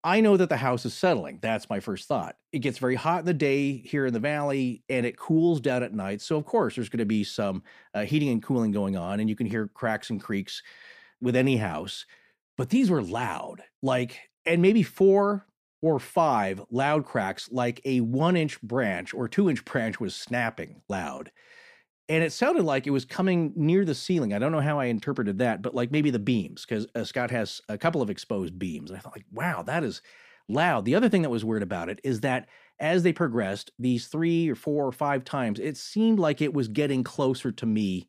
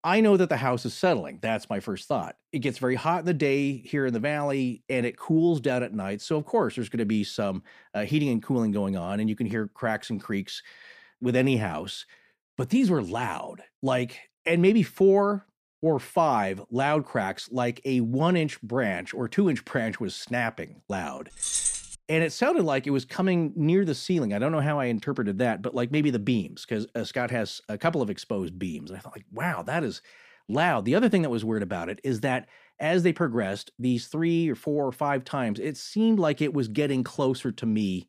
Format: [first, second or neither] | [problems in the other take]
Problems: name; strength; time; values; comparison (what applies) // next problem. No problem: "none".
first | jangling keys; loud; at 21 s; peak 2 dB above the speech